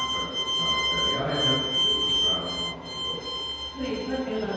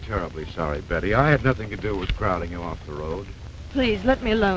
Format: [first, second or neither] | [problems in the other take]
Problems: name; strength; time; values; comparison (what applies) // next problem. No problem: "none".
second | background sound (Bowed string instrument); 5 dB above the speech // room echo; dies away in 1.2 s